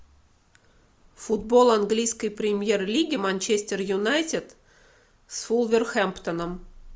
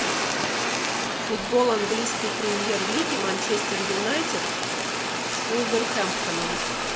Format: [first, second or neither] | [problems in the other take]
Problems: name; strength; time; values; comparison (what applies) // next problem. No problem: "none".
first | background sound (Fire); 2 dB above the speech